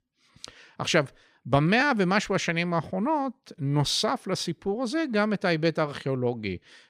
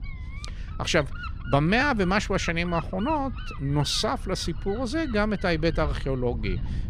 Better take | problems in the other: first | wind noise on the microphone; occasional gusts; 15 dB below the speech

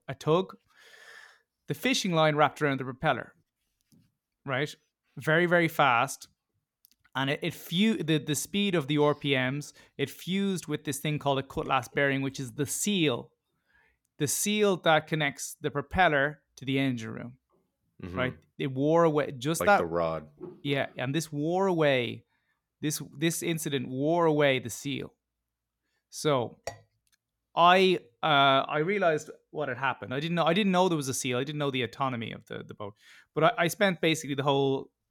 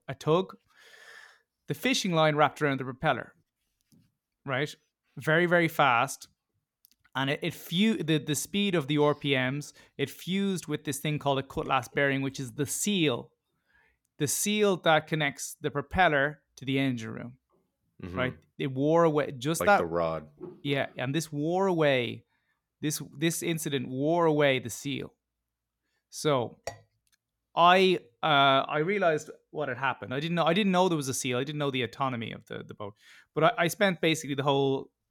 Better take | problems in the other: neither | none

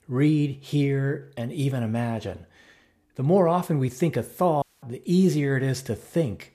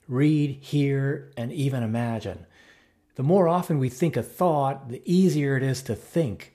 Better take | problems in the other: second | audio cutting out; at 4.5 s

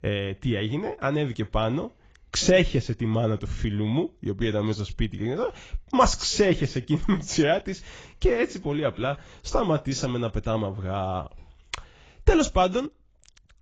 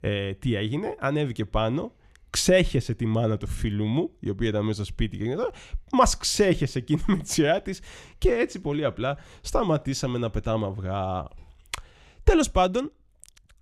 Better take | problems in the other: second | garbled, watery; badly; nothing above 7.5 kHz

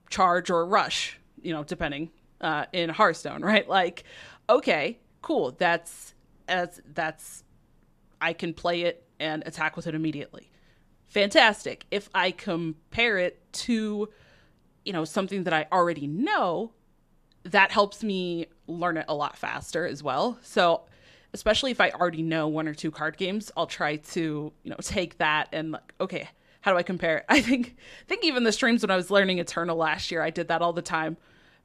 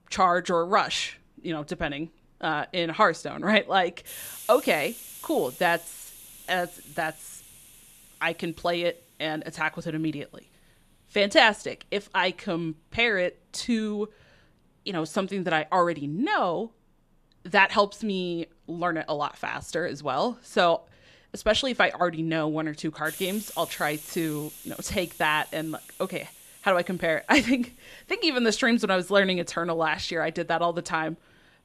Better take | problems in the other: first | hiss; noticeable; throughout; 15 dB below the speech

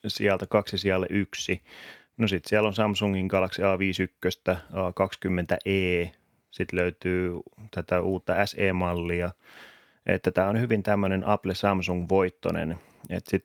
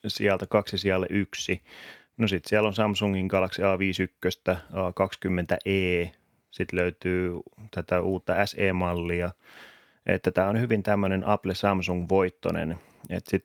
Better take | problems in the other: neither | none

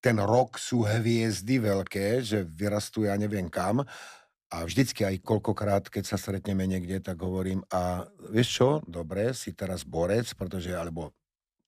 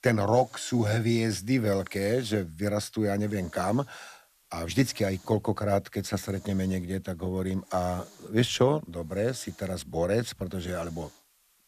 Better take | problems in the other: first | hiss; faint; throughout; 25 dB below the speech

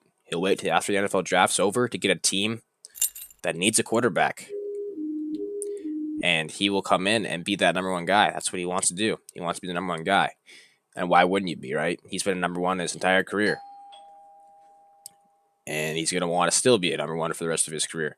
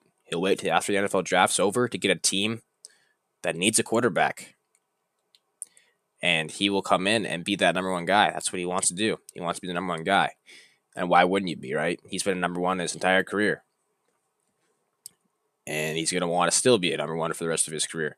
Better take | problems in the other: second | jangling keys; noticeable; at 3 s; peak 2 dB below the speech // siren; noticeable; from 4.5 to 6 s; peak 7 dB below the speech // doorbell; faint; from 13 to 15 s; peak 15 dB below the speech

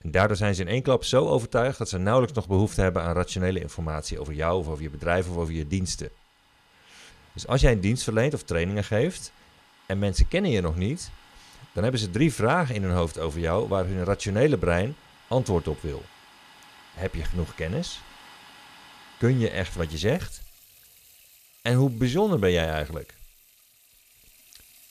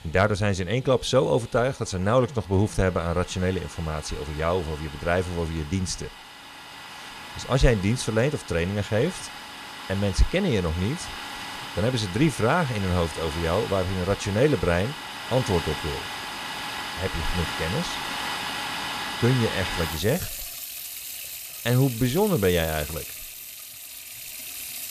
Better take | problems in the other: first | household noises; loud; throughout; 8 dB below the speech; faint in the first

